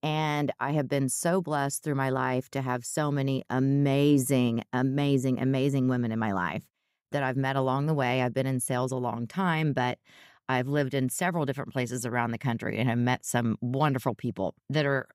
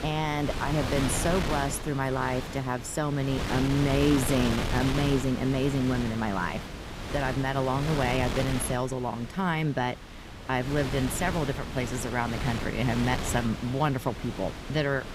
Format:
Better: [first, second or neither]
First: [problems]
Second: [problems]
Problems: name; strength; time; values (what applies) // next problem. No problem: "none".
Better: first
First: none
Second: wind noise on the microphone; heavy; 5 dB below the speech